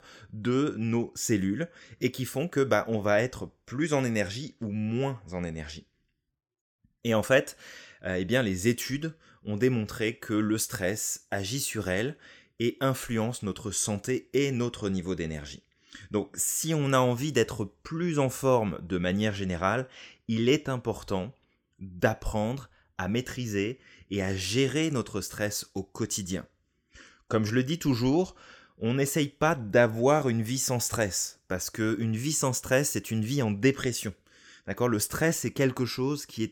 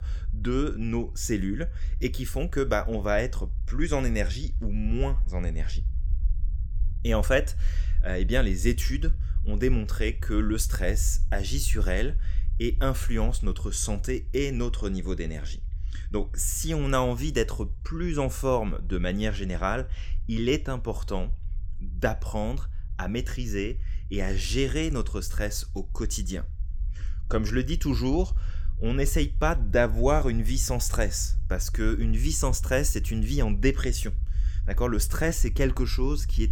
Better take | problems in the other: first | low rumble; faint; throughout; 25 dB below the speech

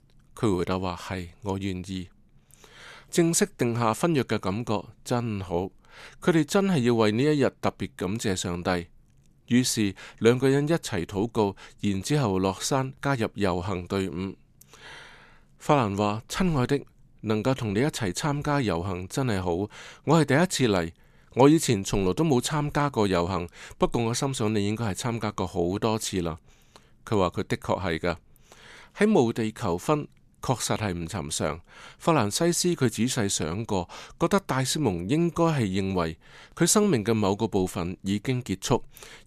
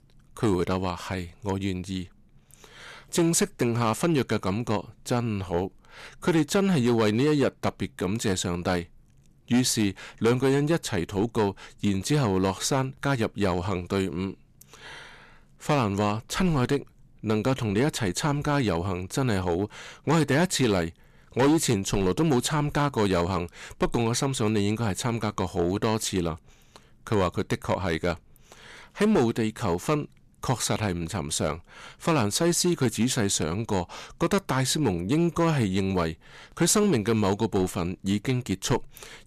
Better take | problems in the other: first | distortion; slight; 5% of the sound clipped

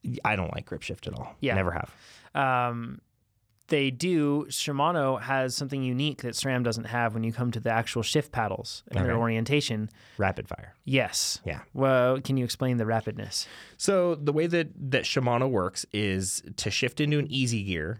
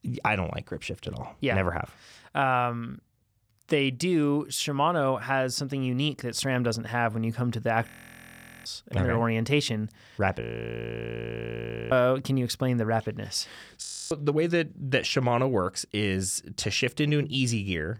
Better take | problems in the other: first | audio freezing; at 8 s for 1 s, at 10 s for 1.5 s and at 14 s

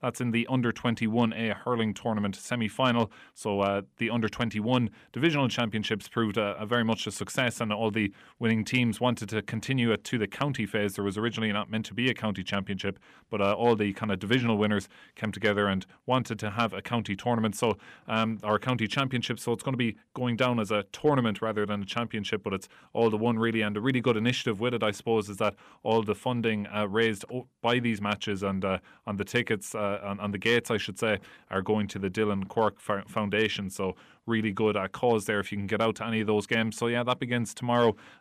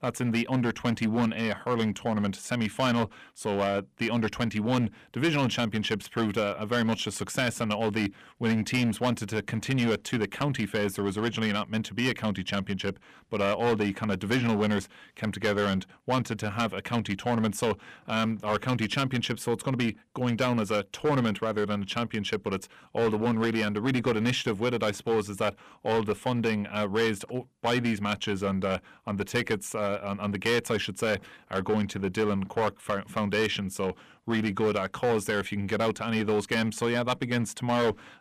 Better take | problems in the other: first | distortion; slight; 6% of the sound clipped

